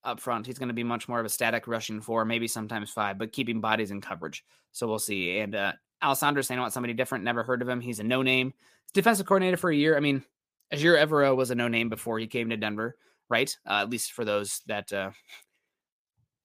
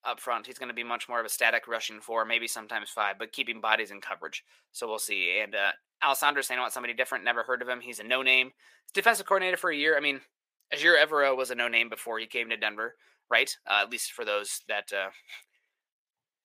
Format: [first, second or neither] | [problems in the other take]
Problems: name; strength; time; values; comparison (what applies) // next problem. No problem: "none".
first | thin; very; fading below 600 Hz